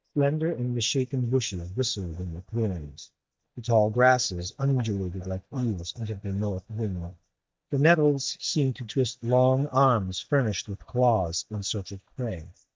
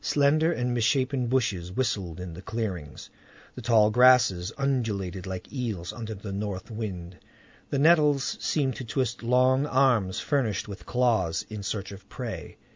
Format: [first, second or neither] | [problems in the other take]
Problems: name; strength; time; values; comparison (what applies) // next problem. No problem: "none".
second | noise reduction (neural mask model DeepFilterNet 3)